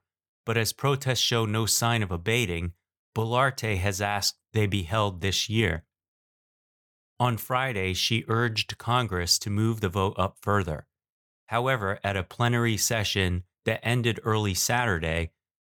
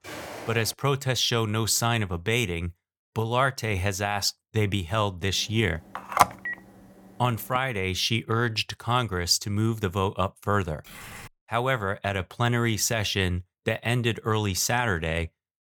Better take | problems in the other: first | footsteps; faint; at the start; peak 10 dB below the speech // phone ringing; loud; at 6 s; peak 3 dB above the speech // keyboard typing; faint; at 11 s; peak 15 dB below the speech

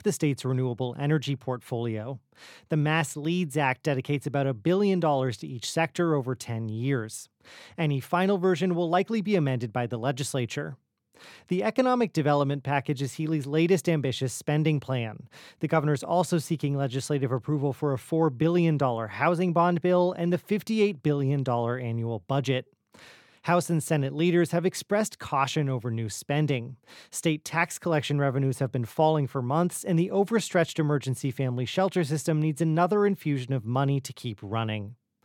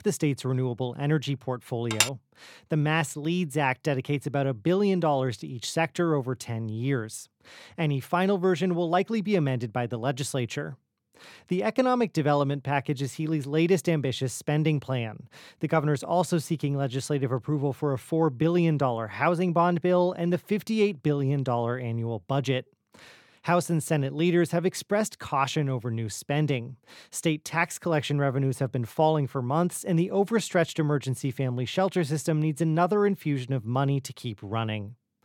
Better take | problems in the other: first | clattering dishes; loud; at 2 s; peak 2 dB above the speech

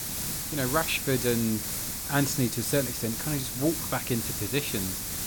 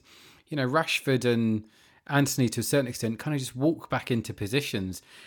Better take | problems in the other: second | hiss; loud; throughout; 1 dB below the speech

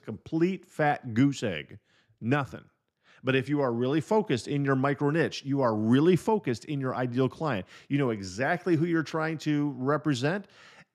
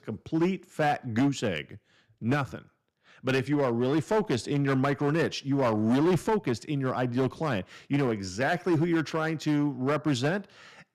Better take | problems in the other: first | distortion; slight; 7% of the sound clipped

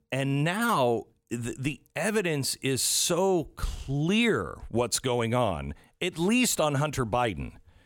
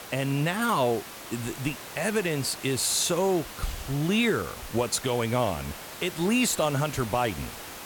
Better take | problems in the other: first | hiss; noticeable; throughout; 10 dB below the speech

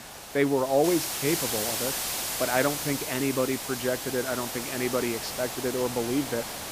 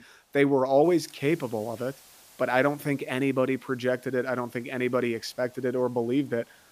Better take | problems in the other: second | hiss; loud; throughout; 2 dB below the speech; faint in the second

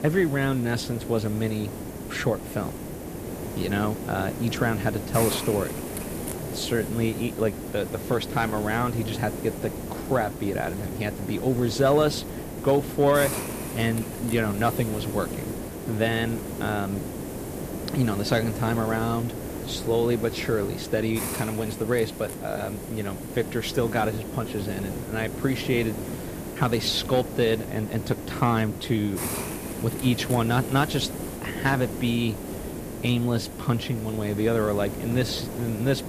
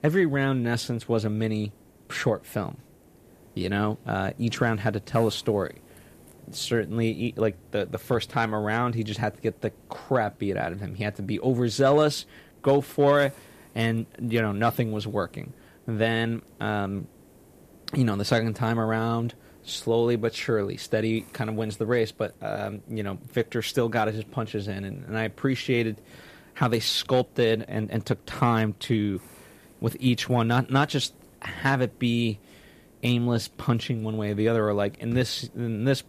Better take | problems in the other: second | hiss; loud; throughout; 7 dB below the speech; faint in the second

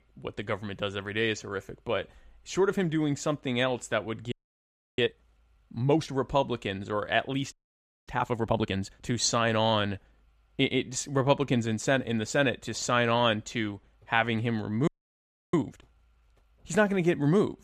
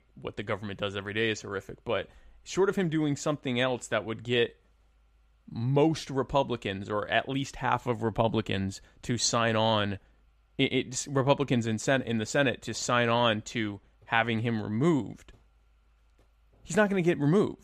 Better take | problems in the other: second | audio freezing; at 4.5 s for 0.5 s, at 7.5 s for 0.5 s and at 15 s for 0.5 s

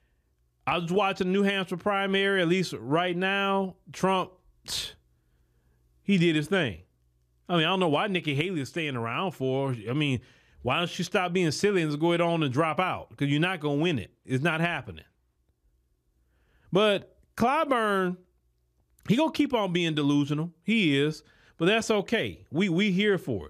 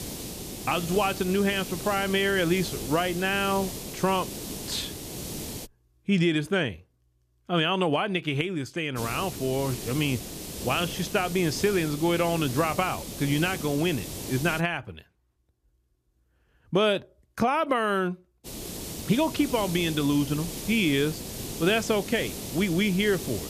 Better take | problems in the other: first | hiss; loud; until 5.5 s, from 9 to 15 s and from 18 s on; 9 dB below the speech

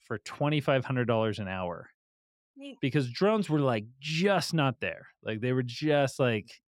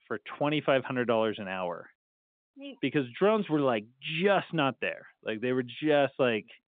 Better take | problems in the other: first | phone-call audio

